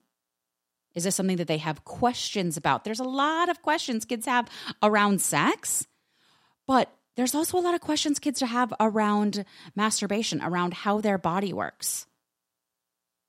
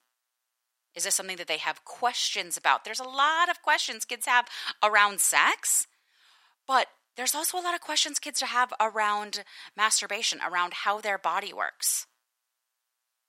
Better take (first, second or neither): first